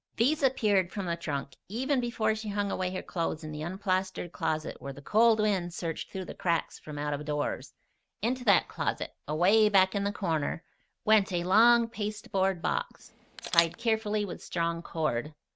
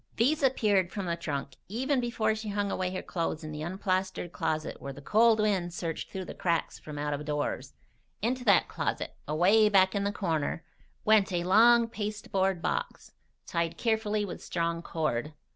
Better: second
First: noise reduction (neural mask model RNNoise)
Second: none

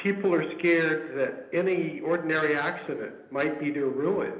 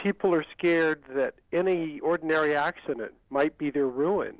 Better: second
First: room echo; dies away in 1 s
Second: none

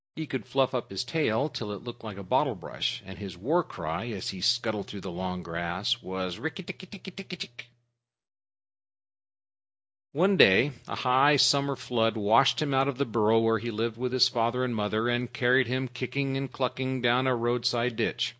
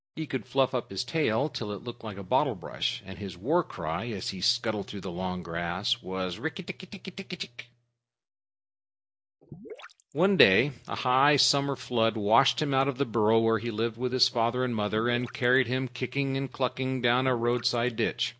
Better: first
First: none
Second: background sound (Gurgling / Liquid); 18 dB below the speech

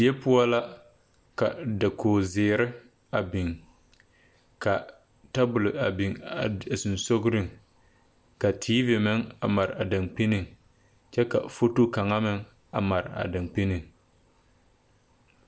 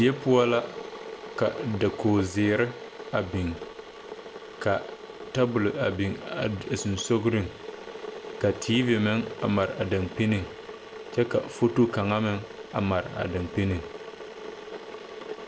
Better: first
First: none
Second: background sound (Boiling / Water); 12 dB below the speech

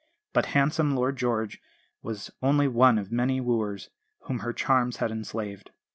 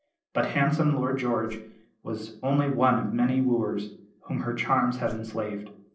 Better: first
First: none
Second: noise reduction (neural separator model SepFormer DNS4)

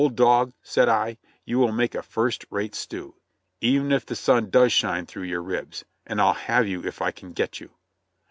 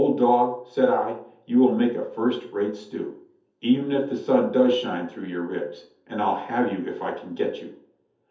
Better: first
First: none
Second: room echo; dies away in 0.5 s

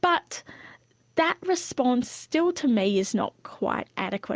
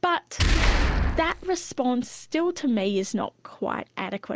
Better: first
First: none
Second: background sound (Boom); 2 dB above the speech

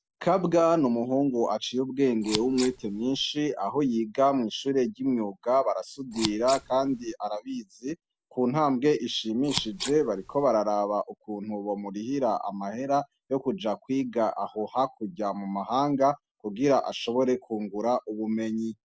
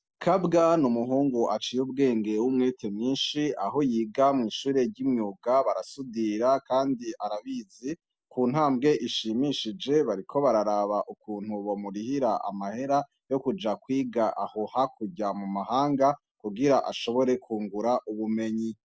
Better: second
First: background sound (Scissors); 10 dB below the speech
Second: none

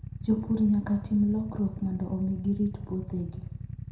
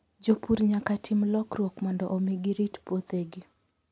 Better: second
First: background sound (Idling / Motorcycle); 10 dB below the speech // room echo; dies away in 0.5 s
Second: none

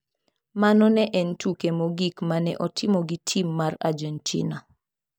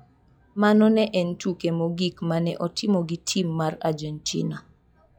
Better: first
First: none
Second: noise reduction (classical method log-MMSE)

